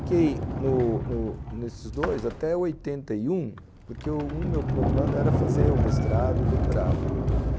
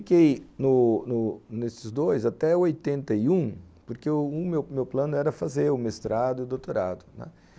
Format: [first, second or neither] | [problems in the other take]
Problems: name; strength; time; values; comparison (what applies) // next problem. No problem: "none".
second | background sound (Sliding door); 3 dB above the speech